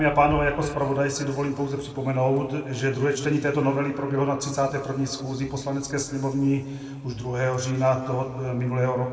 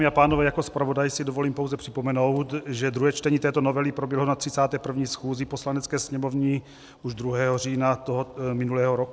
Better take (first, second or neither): second